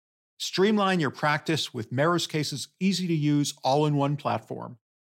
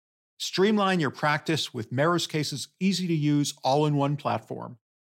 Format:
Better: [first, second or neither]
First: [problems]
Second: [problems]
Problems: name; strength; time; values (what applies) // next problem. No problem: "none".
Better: neither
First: none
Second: none